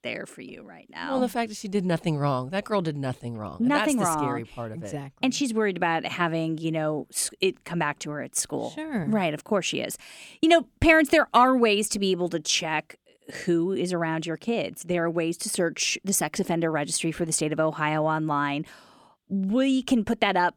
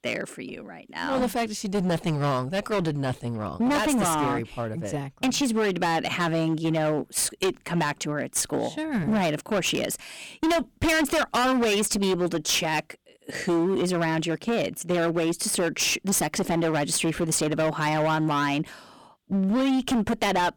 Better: first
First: none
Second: distortion; heavy; 20% of the sound clipped

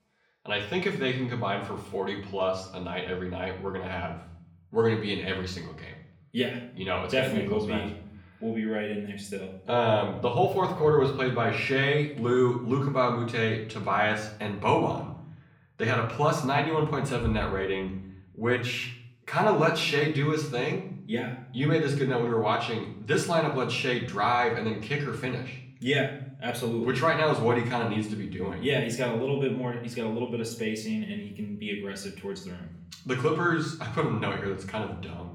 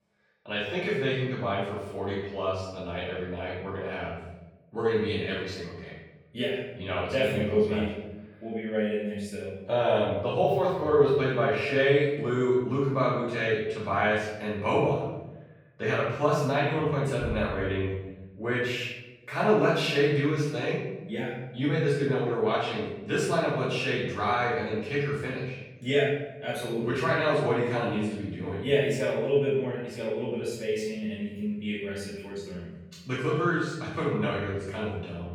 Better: first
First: room echo; slight; dies away in 0.6 s // off-mic speech; far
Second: room echo; strong; dies away in 1 s // off-mic speech; far

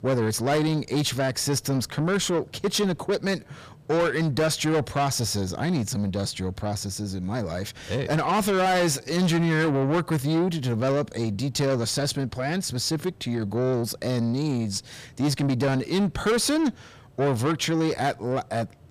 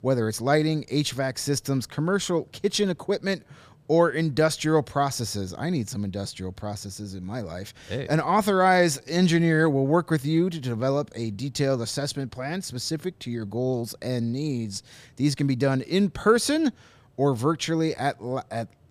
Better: second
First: distortion; heavy; 8 dB below the speech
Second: none

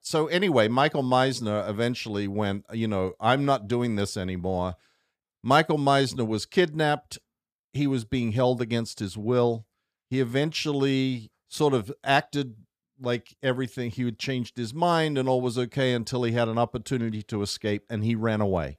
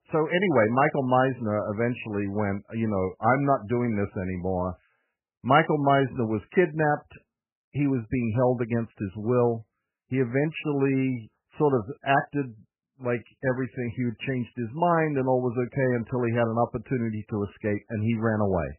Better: first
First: none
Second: garbled, watery; badly; nothing above 3 kHz

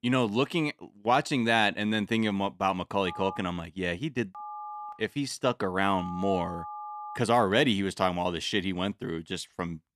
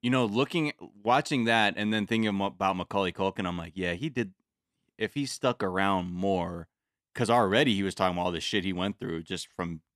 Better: second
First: phone ringing; faint; from 3 to 7 s; peak 10 dB below the speech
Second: none

